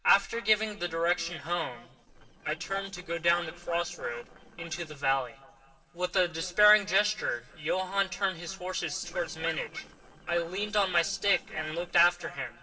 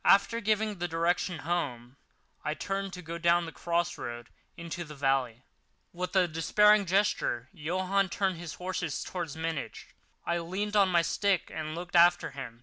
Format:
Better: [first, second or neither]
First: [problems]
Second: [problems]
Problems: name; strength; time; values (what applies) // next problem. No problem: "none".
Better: second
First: noise reduction (neural separator model SepFormer DNS4)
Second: none